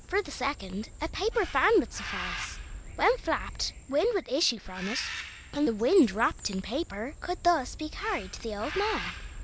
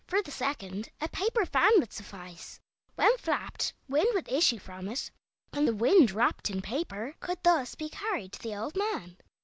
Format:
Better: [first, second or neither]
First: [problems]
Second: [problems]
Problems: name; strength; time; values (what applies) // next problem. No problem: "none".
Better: second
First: background sound (Bird); 11 dB below the speech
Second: none